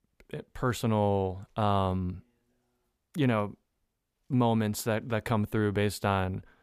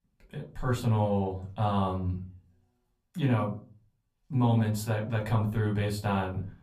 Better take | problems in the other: first | off-mic speech; far // room echo; very slight; dies away in 0.3 s

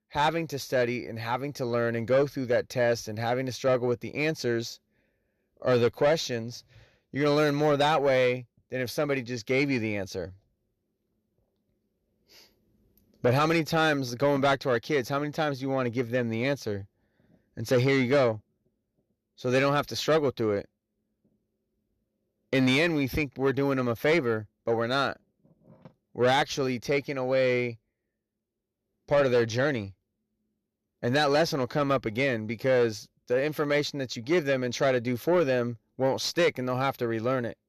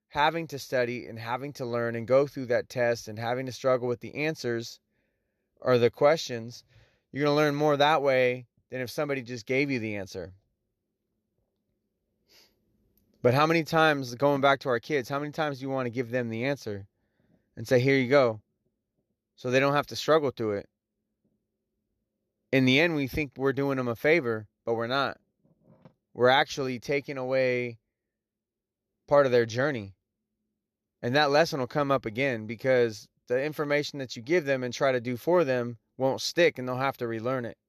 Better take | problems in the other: second | distortion; slight; 10 dB below the speech

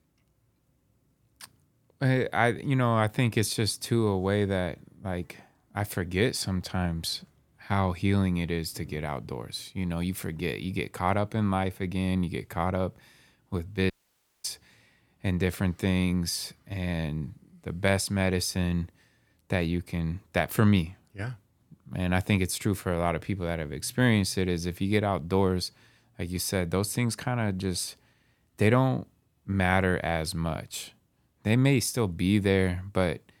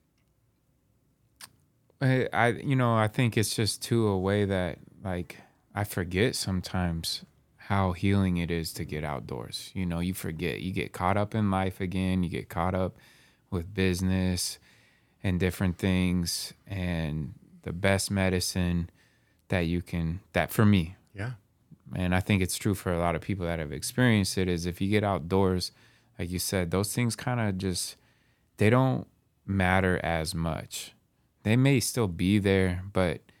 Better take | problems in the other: second | audio cutting out; at 14 s for 0.5 s

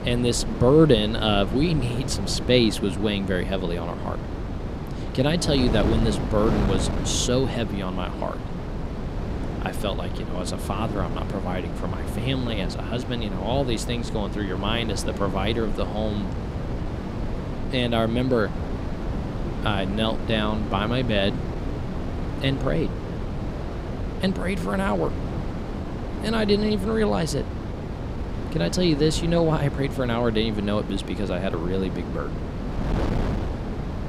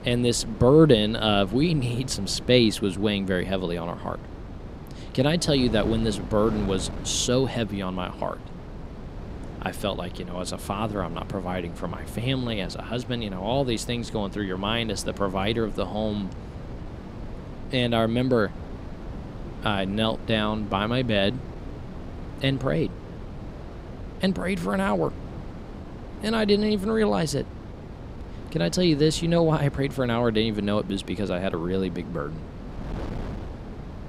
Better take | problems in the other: second | wind noise on the microphone; heavy; 9 dB below the speech; occasional gusts in the second

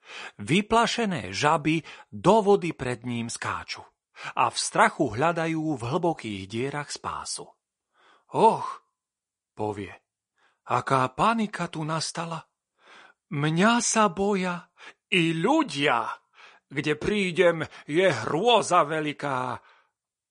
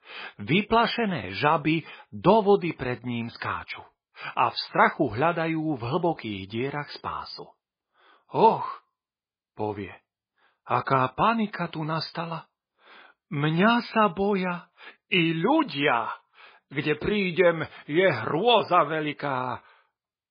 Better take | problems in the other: first | garbled, watery; badly; nothing above 4.5 kHz; slightly in the first

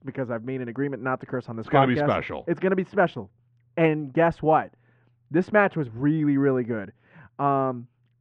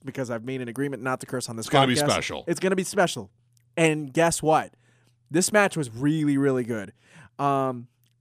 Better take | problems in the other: second | muffled; very; fading above 2 kHz

